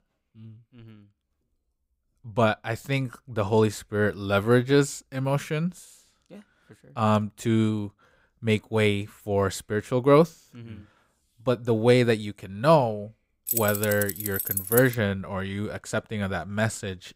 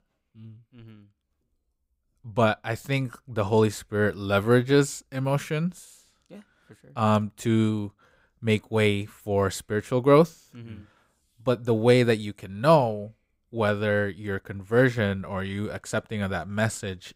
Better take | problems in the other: second | jangling keys; noticeable; from 13 to 15 s; peak 1 dB below the speech

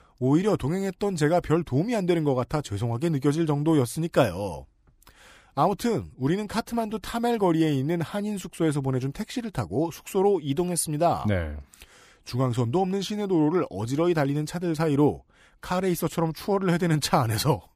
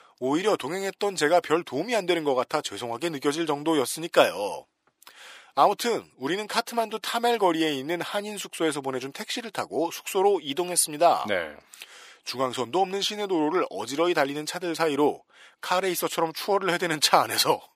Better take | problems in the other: first | thin; somewhat; fading below 450 Hz

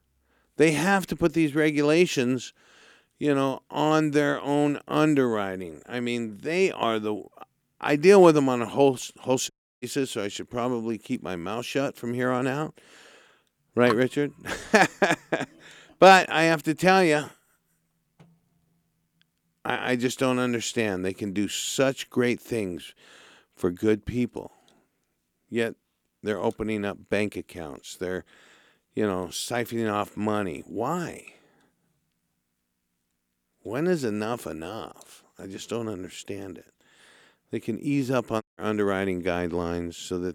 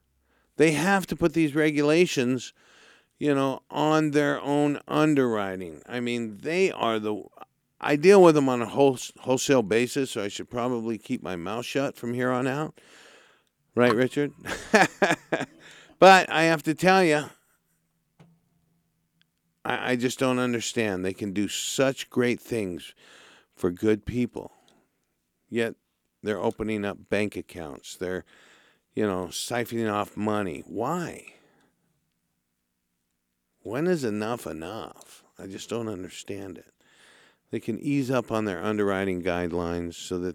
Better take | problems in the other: second | audio cutting out; at 9.5 s and at 38 s

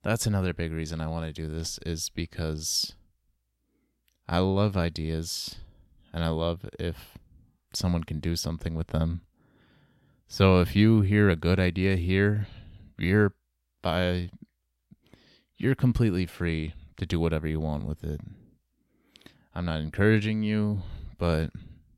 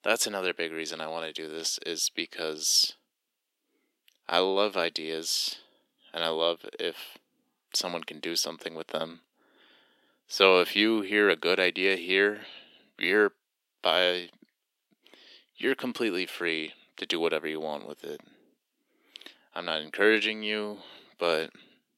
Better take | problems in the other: first | thin; very; fading below 350 Hz

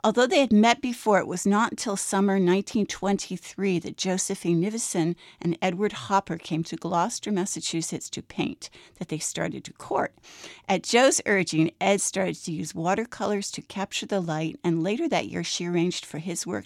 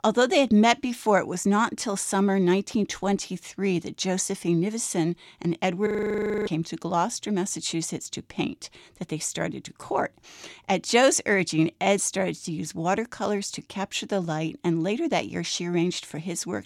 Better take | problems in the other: first | audio freezing; at 6 s for 0.5 s

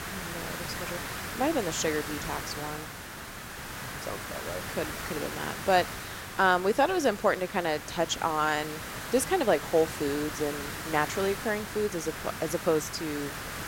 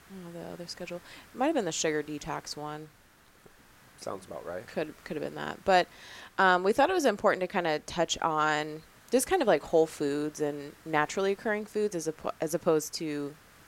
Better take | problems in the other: second | hiss; loud; throughout; 8 dB below the speech; faint in the second

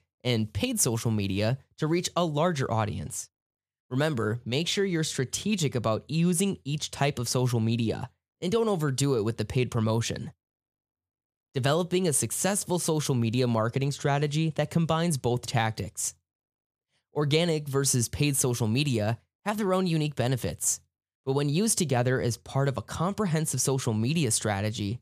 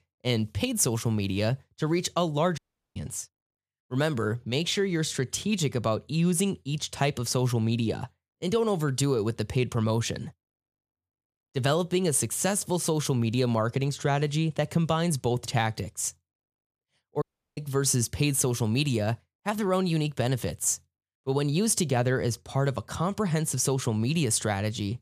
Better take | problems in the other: first | audio cutting out; at 2.5 s and at 17 s

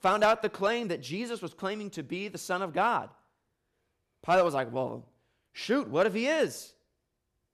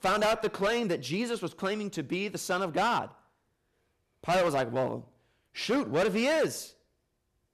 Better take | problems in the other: first | distortion; heavy; 9% of the sound clipped

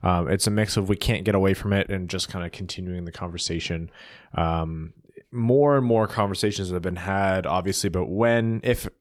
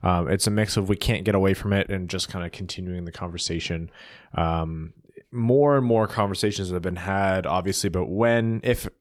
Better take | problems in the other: neither | none

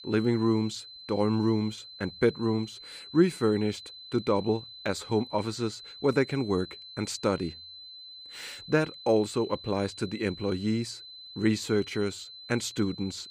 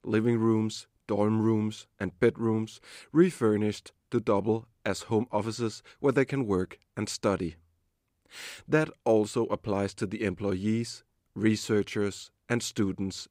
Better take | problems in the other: second | high-pitched whine; noticeable; throughout; 4 kHz, 15 dB below the speech

